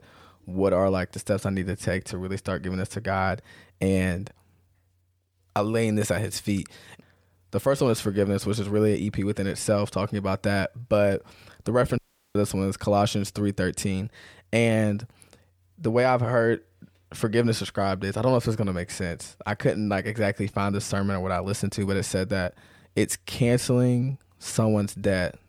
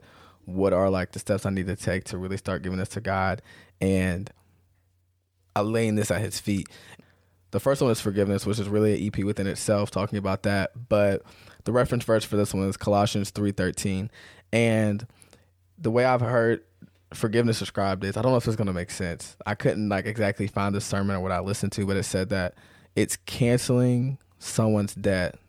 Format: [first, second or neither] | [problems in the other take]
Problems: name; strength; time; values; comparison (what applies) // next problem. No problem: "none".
second | audio cutting out; at 12 s